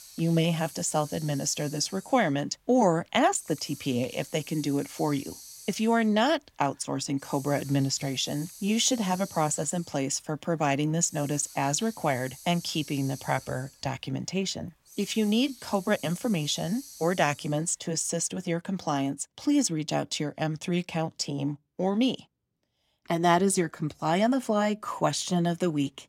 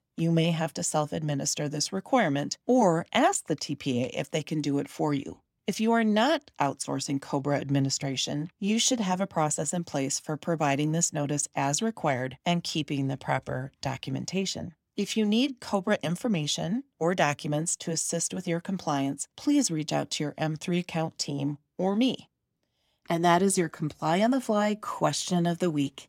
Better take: second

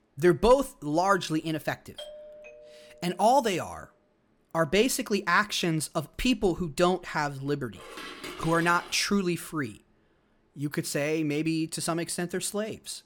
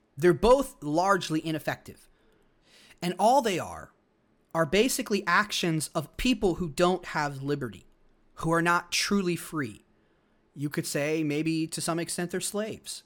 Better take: second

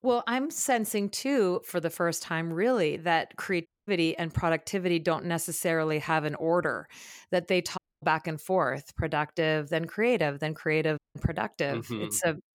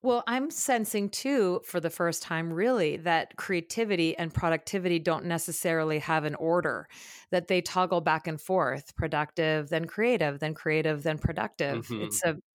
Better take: second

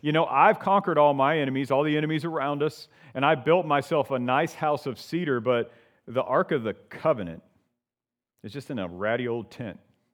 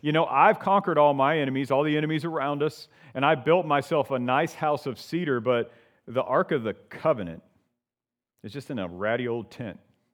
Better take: neither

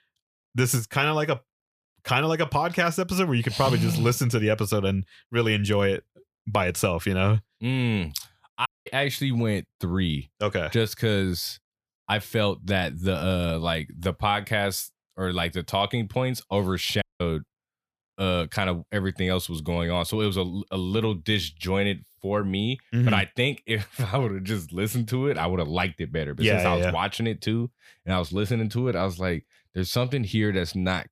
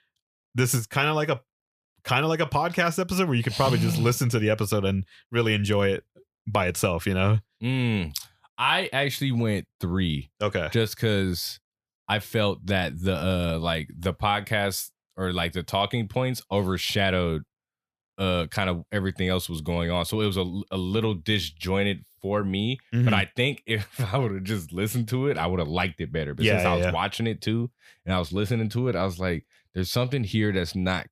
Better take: second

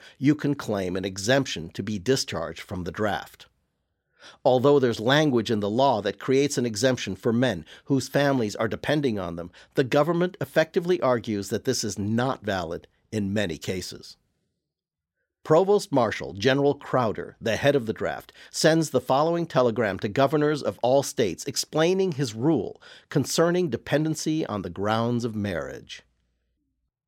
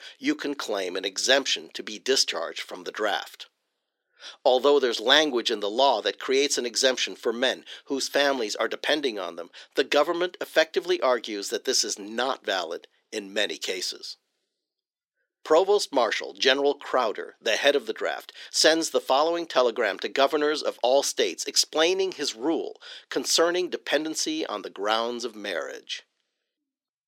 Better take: first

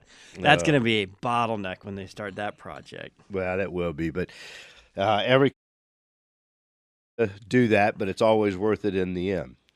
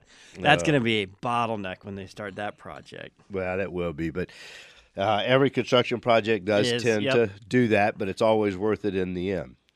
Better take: second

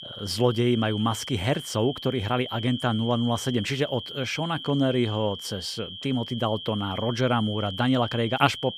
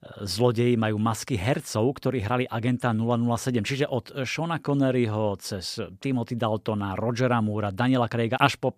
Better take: second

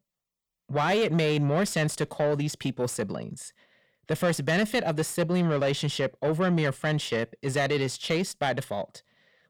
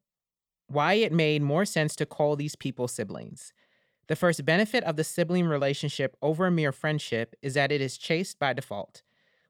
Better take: second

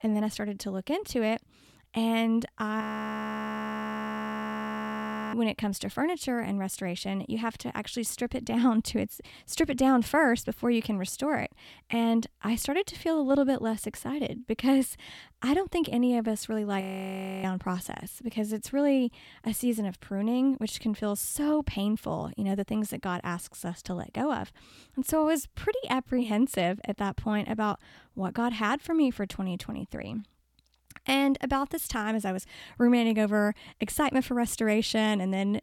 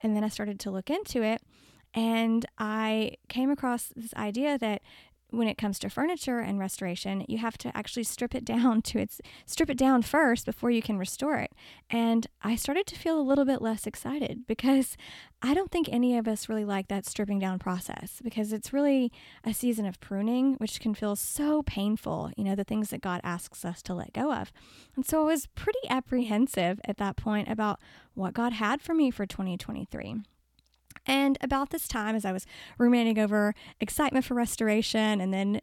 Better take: second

